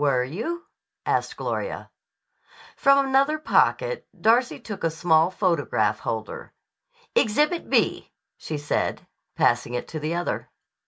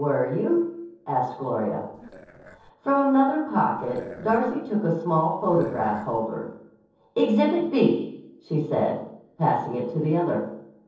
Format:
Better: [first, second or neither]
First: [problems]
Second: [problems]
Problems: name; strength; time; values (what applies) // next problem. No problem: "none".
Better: first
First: none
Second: noise reduction (neural separator model SepFormer DNS4)